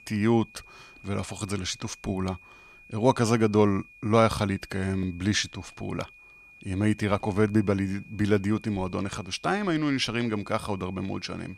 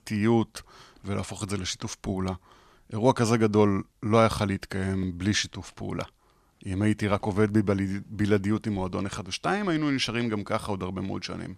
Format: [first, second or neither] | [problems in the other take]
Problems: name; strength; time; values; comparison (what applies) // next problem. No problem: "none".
second | high-pitched whine; faint; throughout; 2.5 kHz, 25 dB below the speech